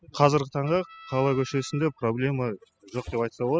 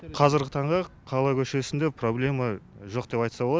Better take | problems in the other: second | noise reduction (classical method spectral subtraction)

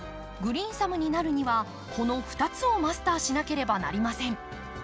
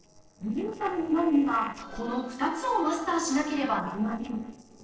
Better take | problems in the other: first | noise reduction (neural separator model SepFormer DNS4)

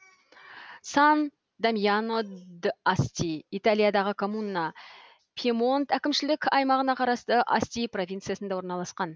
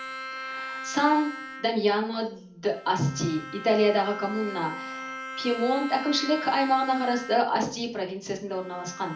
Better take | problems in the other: first | background sound (Bowed string instrument); 11 dB below the speech // room echo; dies away in 0.4 s

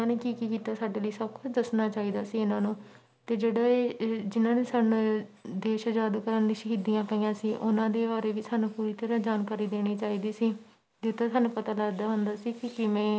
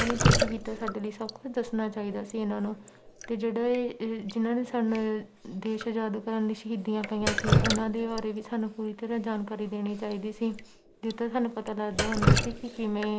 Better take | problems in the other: first | background sound (Drip); 1 dB below the speech

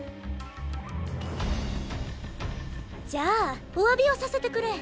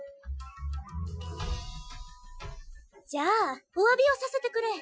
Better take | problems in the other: first | noise reduction (classical method Wiener filter)

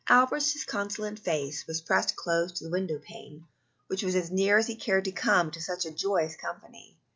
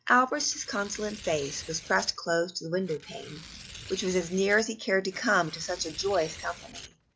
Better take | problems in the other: first | background sound (Tearing); 17 dB below the speech

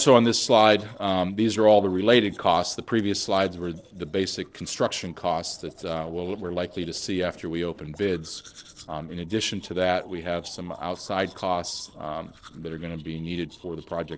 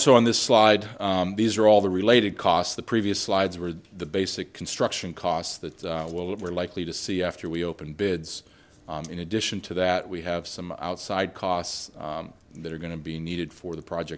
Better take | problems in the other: second | noise reduction (neural separator model SepFormer DNS4)

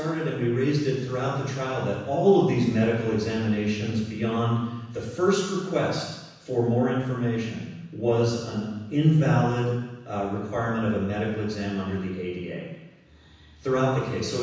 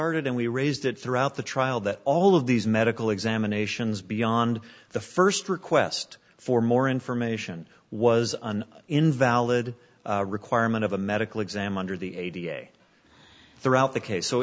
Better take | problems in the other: second | room echo; dies away in 1.1 s

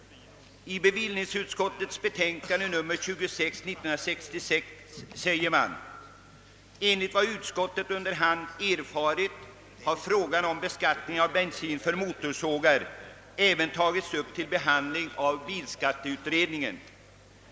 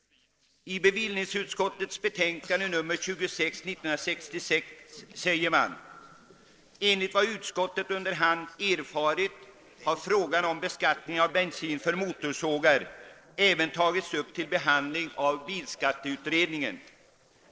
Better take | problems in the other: first | noise reduction (neural separator model SepFormer DNS4)

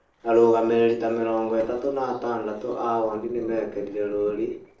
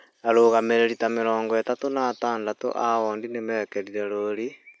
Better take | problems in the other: second | noise reduction (neural separator model SepFormer DNS4)

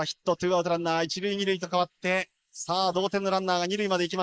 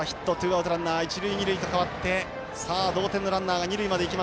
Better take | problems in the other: second | noise reduction (neural mask model Resemble Enhance denoiser)

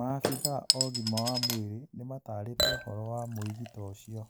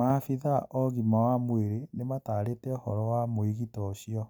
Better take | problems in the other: second | background sound (Chink, clink / Liquid); 1 dB above the speech

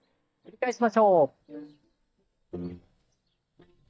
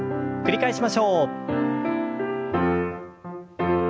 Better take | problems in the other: second | noise reduction (neural mask model DeepFilterNet 3)

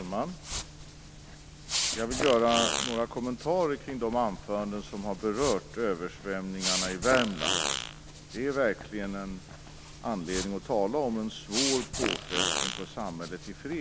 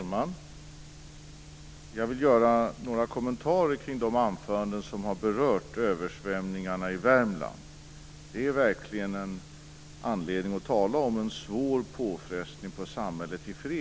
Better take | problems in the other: second | background sound (Fart); 4 dB below the speech

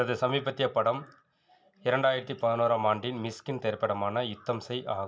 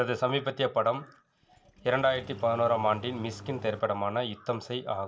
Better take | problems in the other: first | background sound (Engine starting); 18 dB below the speech

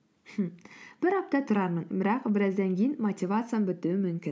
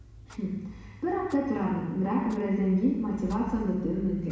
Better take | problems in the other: first | background sound (Clock); 17 dB below the speech // room echo; dies away in 1.1 s

